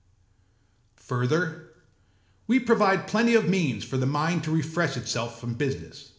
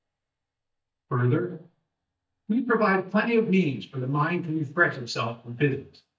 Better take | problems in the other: first | noise reduction (neural mask model DeepFilterNet 3)

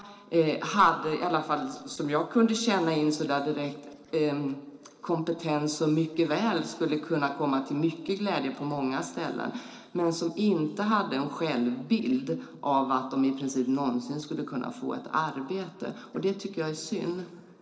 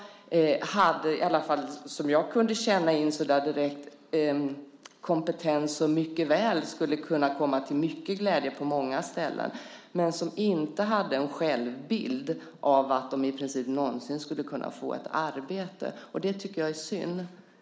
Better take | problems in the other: second | noise reduction (neural separator model SepFormer DNS4)

